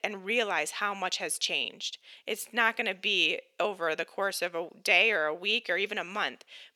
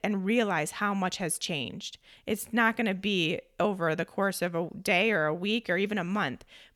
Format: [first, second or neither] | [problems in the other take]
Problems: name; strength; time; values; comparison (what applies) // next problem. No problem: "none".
second | thin; somewhat; fading below 450 Hz